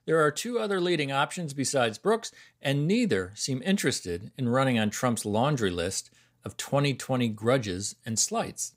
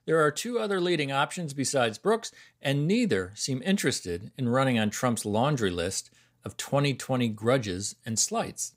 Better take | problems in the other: neither | none

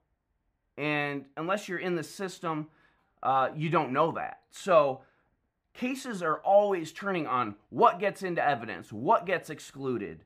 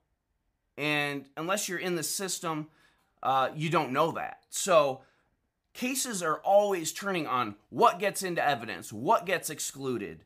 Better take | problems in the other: second | muffled; slightly; fading above 4 kHz

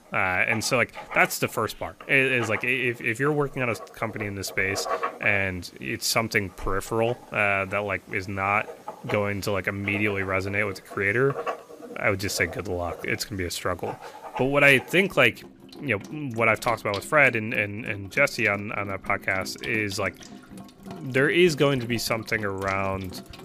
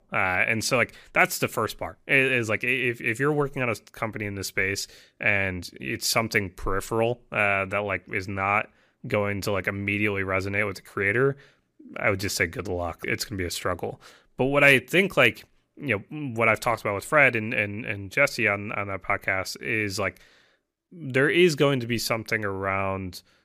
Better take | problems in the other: second | household noises; noticeable; throughout; 15 dB below the speech

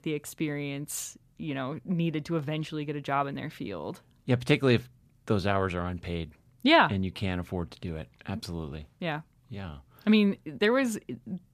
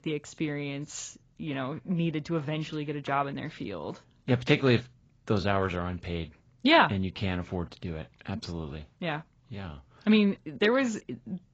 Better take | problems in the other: first | garbled, watery; badly; nothing above 7.5 kHz

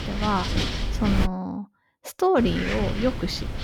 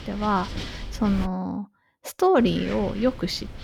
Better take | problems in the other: second | wind noise on the microphone; heavy; until 1.5 s and from 2.5 s on; 4 dB below the speech; occasional gusts in the second

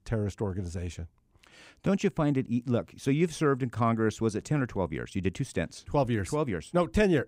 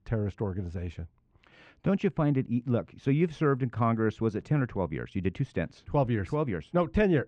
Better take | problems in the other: first | muffled; slightly; fading above 3 kHz

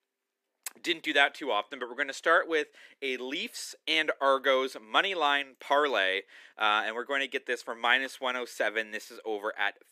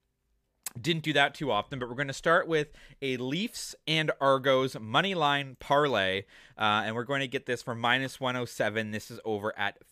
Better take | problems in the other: second | thin; somewhat; fading below 300 Hz

